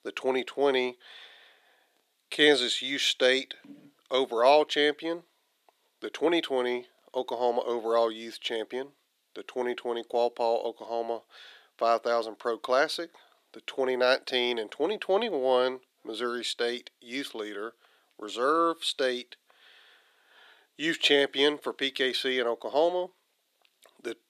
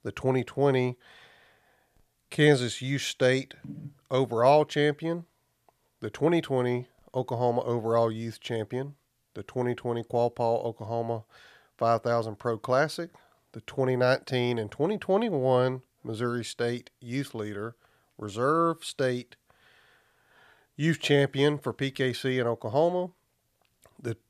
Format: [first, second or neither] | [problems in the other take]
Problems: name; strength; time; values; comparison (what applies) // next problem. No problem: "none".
second | thin; somewhat; fading below 300 Hz